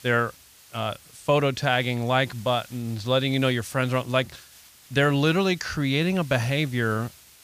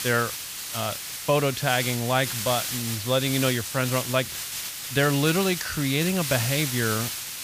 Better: first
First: hiss; faint; throughout; 25 dB below the speech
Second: hiss; loud; throughout; 4 dB below the speech

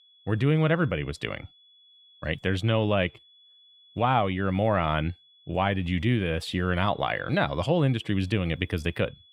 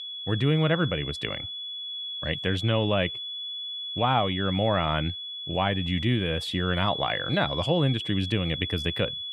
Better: first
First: high-pitched whine; faint; throughout; 3.5 kHz, 30 dB below the speech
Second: high-pitched whine; loud; throughout; 3.5 kHz, 6 dB below the speech

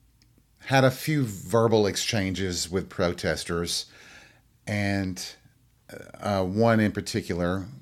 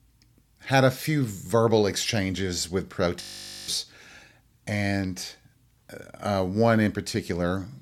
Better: first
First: none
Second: audio freezing; at 3 s

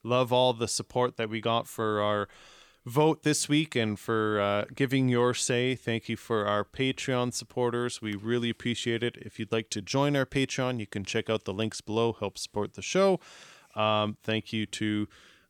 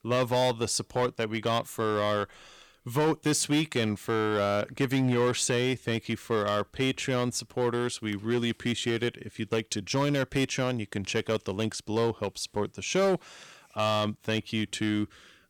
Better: first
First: none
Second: distortion; slight; 6% of the sound clipped

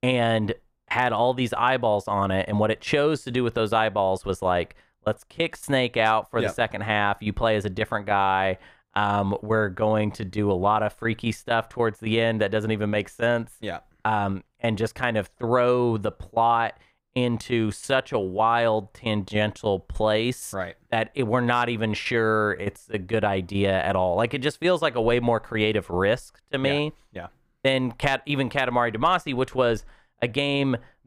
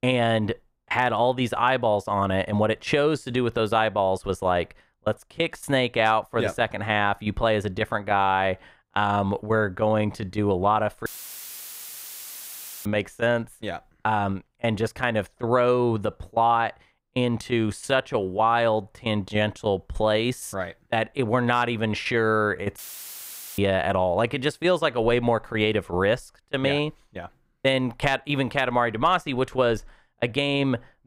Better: first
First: none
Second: audio cutting out; filled with static; at 11 s for 2 s and at 23 s for 1 s

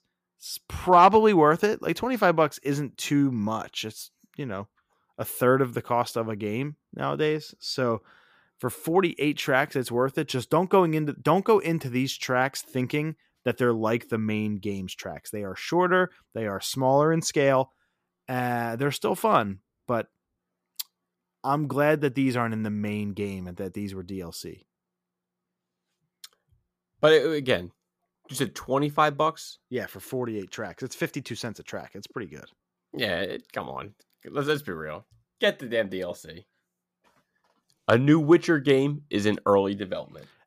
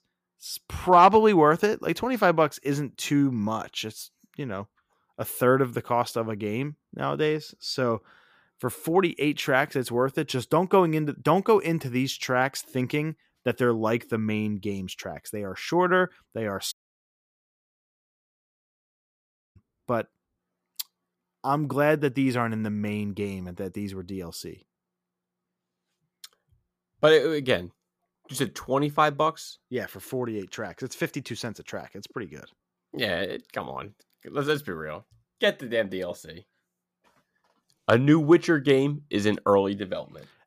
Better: first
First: none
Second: audio cutting out; at 17 s for 3 s

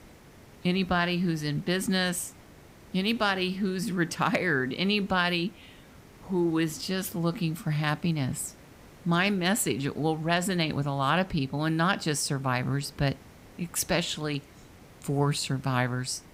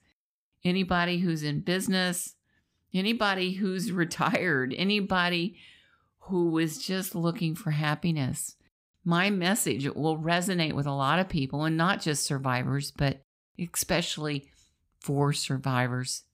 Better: second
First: hiss; faint; throughout; 25 dB below the speech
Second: none

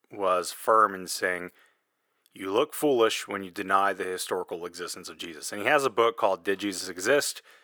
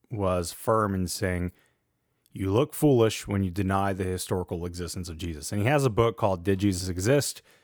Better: second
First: thin; very; fading below 450 Hz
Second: none

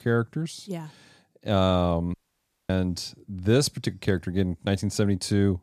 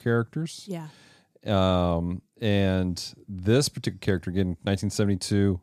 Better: second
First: audio cutting out; at 2 s for 0.5 s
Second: none

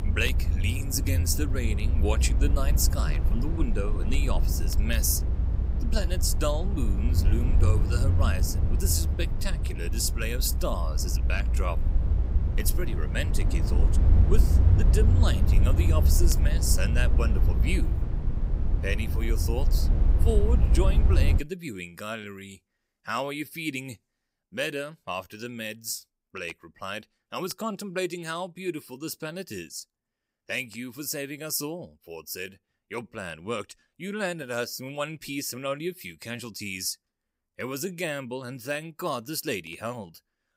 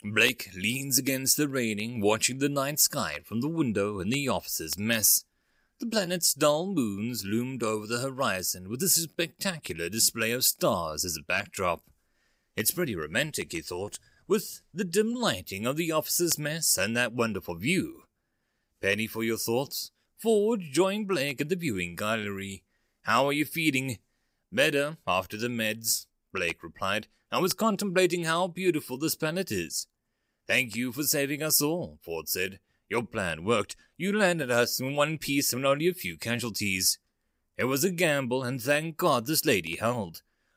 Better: second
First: low rumble; loud; until 21 s; 8 dB below the speech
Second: none

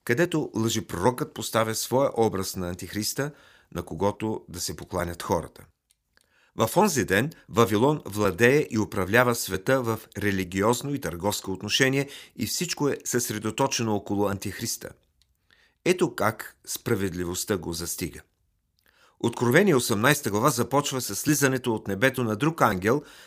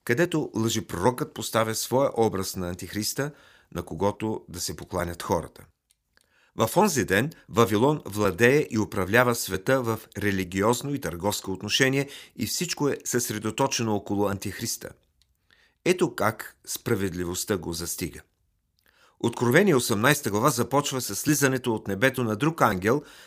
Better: neither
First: none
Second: none

